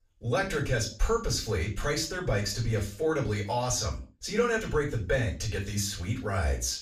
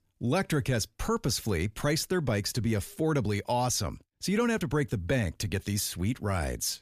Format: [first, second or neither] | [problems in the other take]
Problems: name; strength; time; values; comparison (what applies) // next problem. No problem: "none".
second | room echo; slight; dies away in 0.3 s // off-mic speech; far